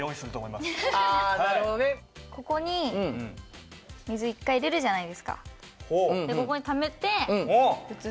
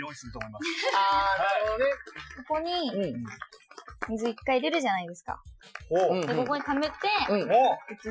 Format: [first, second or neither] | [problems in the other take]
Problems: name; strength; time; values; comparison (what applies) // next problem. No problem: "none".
first | noise reduction (classical method Wiener filter)